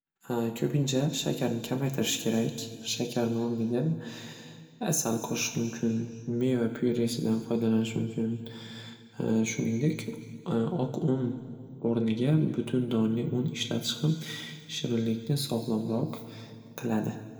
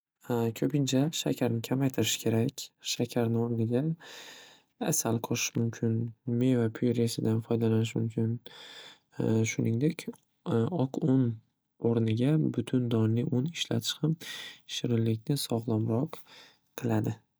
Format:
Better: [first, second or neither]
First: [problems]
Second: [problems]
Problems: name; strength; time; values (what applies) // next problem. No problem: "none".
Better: second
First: room echo; dies away in 1.8 s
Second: none